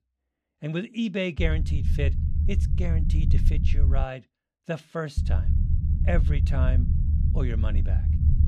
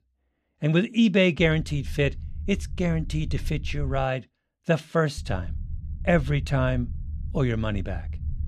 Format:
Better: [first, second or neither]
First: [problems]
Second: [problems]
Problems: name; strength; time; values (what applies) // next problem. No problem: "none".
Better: second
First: low rumble; loud; from 1.5 to 4 s and from 5 s on; 7 dB below the speech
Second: low rumble; faint; from 1.5 to 4 s and from 5 s on; 25 dB below the speech